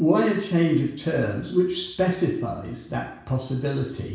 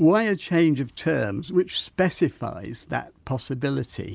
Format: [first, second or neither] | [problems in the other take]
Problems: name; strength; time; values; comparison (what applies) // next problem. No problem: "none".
second | room echo; dies away in 0.7 s